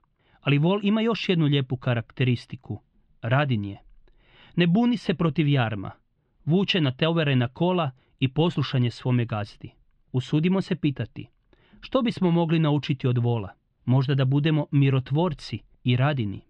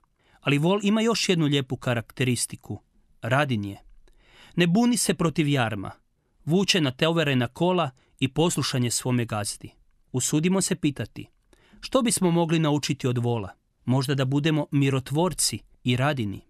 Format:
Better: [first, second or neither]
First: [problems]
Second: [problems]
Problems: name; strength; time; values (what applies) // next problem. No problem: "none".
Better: second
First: muffled; slightly; fading above 3.5 kHz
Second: none